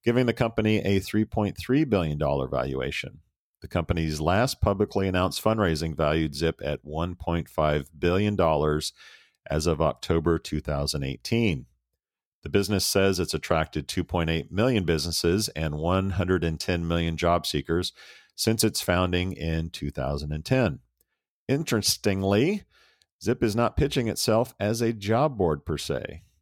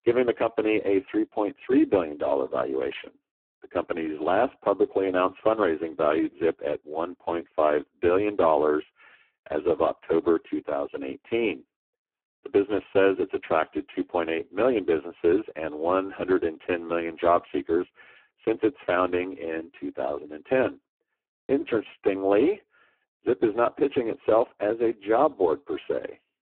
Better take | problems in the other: first | phone-call audio; poor line

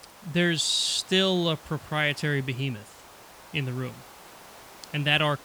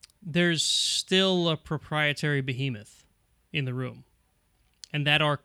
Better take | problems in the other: second | hiss; faint; throughout; 20 dB below the speech

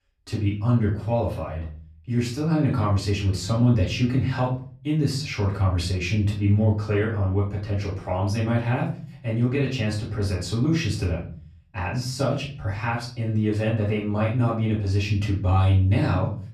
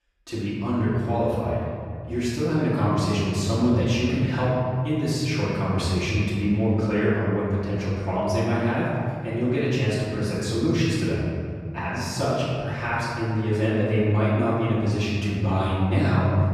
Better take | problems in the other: first | room echo; strong; dies away in 2.3 s; slight in the first // off-mic speech; far; far in the first

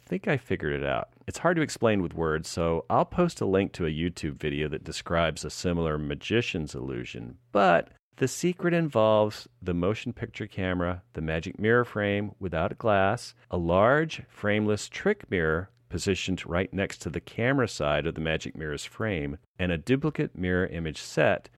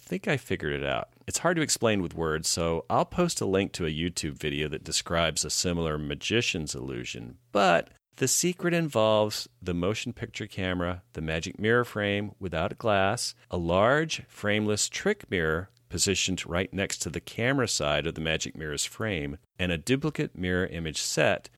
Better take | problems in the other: second | muffled; slightly; fading above 3 kHz

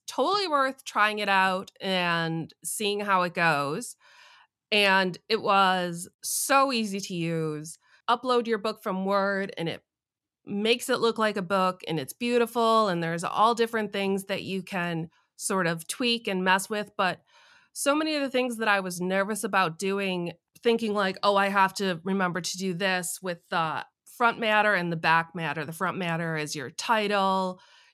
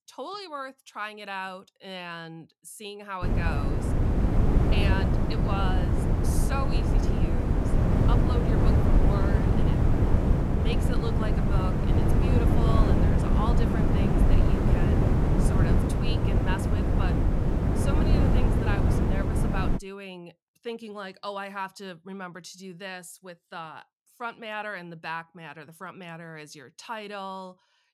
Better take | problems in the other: first | wind noise on the microphone; heavy; from 3 to 20 s; 4 dB above the speech

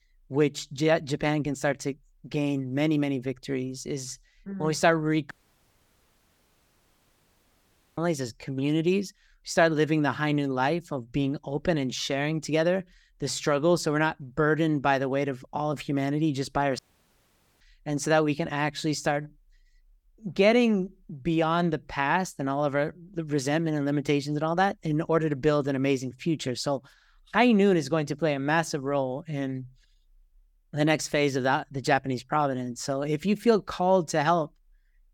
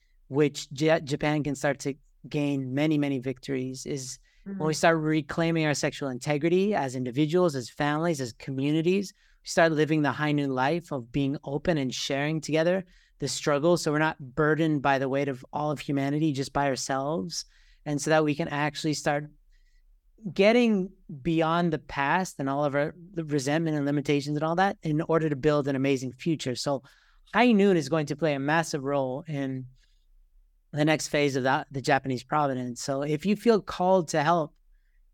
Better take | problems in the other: second | audio cutting out; at 5.5 s for 2.5 s and at 17 s for 1 s

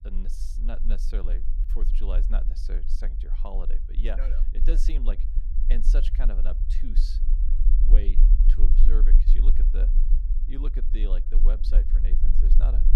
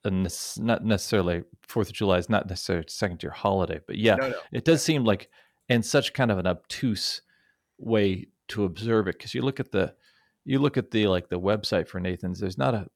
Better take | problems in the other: second | low rumble; loud; throughout; 7 dB below the speech

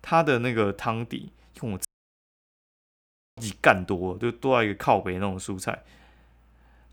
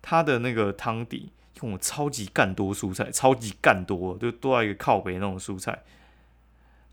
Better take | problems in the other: second | audio cutting out; at 2 s for 1.5 s

